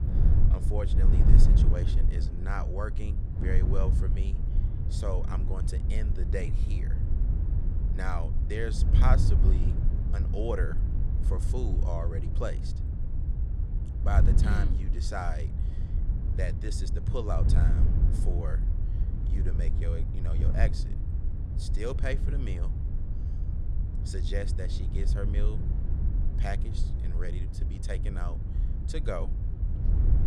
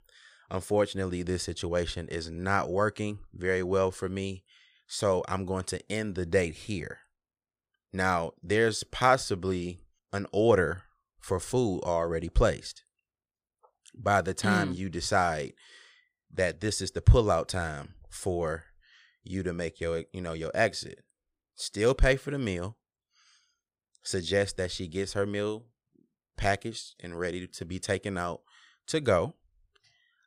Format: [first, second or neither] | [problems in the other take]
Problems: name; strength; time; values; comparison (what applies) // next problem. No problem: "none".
second | wind noise on the microphone; heavy; 5 dB below the speech